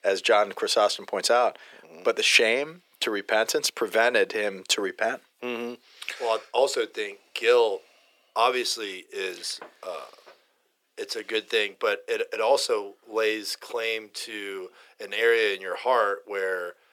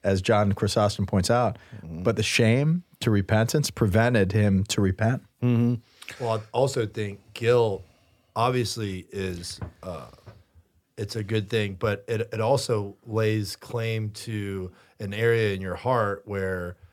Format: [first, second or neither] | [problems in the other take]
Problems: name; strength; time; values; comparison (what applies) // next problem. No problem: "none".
second | thin; very; fading below 350 Hz